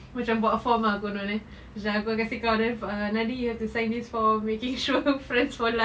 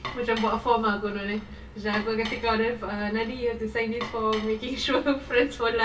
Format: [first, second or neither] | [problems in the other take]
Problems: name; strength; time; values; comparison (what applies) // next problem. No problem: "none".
first | background sound (Dishes, pots, and pans); 15 dB below the speech // room echo; dies away in 1.2 s